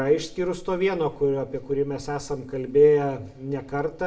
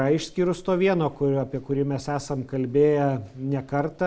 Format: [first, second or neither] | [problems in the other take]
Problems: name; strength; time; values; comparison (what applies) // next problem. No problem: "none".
second | room echo; dies away in 0.4 s